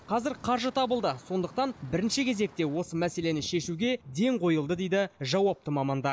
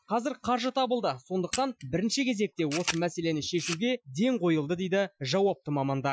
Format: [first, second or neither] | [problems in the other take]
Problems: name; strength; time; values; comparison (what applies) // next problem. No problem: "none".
first | noise reduction (classical method Wiener filter)